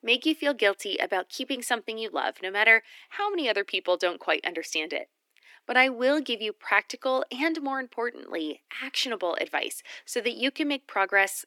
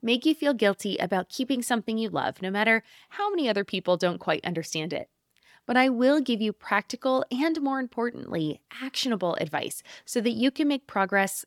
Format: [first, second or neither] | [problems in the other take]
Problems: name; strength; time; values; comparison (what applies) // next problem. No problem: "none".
second | thin; somewhat; fading below 300 Hz